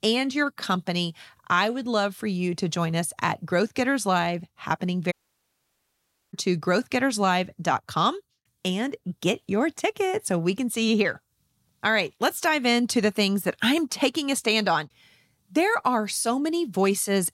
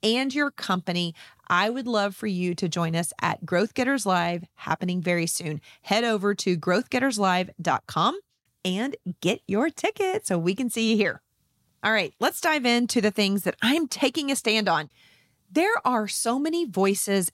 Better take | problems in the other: second | audio cutting out; at 5 s for 1 s

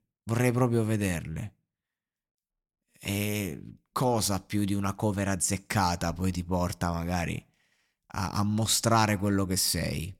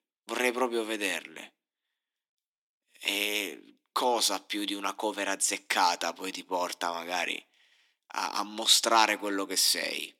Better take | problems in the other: first | thin; very; fading below 300 Hz

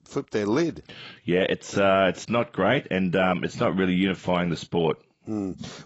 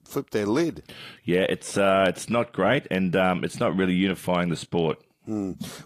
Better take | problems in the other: second | garbled, watery; badly; nothing above 7.5 kHz; slightly in the second

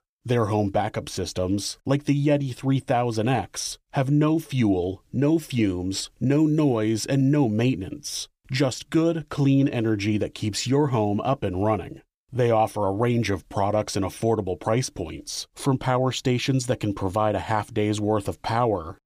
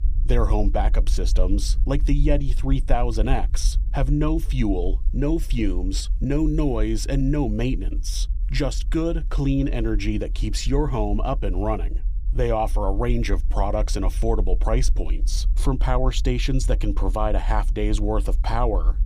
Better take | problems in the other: first | low rumble; faint; throughout; 20 dB below the speech

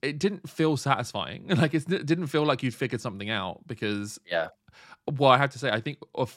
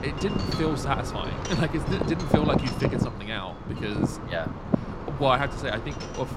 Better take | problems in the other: first | wind noise on the microphone; heavy; 3 dB below the speech

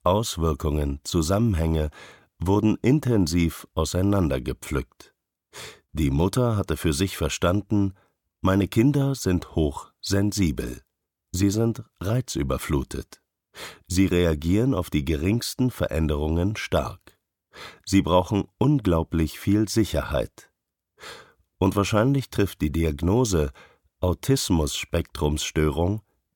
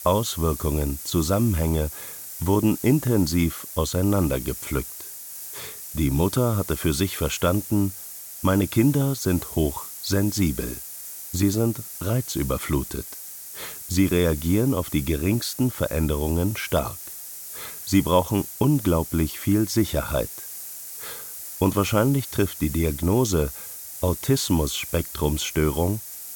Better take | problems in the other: first | hiss; noticeable; throughout; 10 dB below the speech

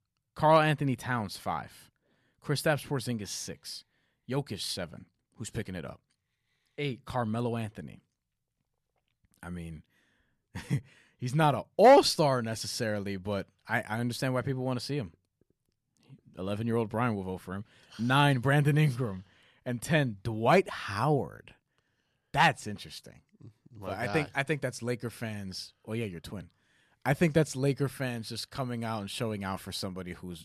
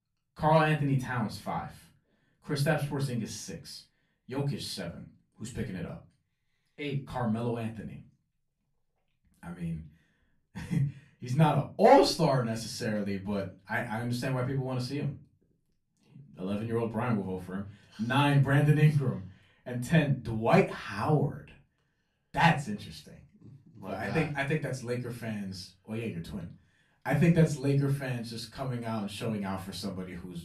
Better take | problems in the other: first | off-mic speech; far // room echo; very slight; dies away in 0.3 s

